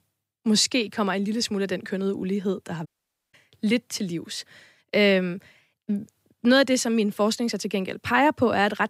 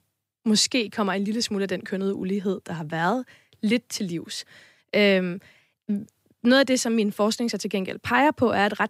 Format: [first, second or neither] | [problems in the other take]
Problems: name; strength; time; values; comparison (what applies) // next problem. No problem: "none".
second | audio cutting out; at 3 s